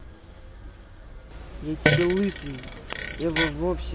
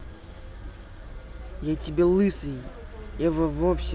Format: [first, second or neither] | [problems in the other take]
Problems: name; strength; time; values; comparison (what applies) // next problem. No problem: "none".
second | background sound (Fart); 1 dB above the speech